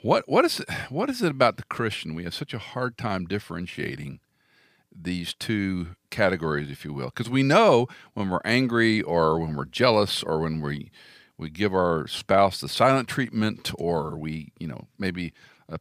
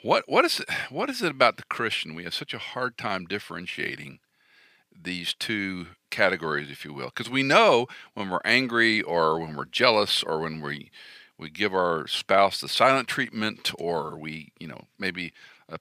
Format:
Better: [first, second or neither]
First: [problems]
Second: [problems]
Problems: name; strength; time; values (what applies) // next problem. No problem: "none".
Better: first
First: none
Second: thin; very slightly; fading below 350 Hz